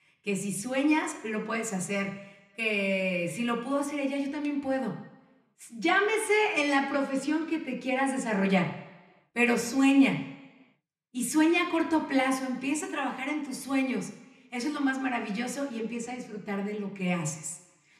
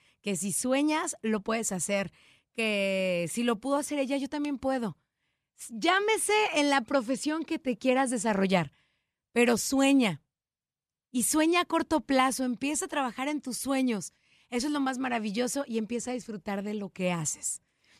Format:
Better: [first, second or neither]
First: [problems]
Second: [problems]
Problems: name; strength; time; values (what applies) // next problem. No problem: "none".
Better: second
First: room echo; slight; dies away in 0.9 s // off-mic speech; somewhat distant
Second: none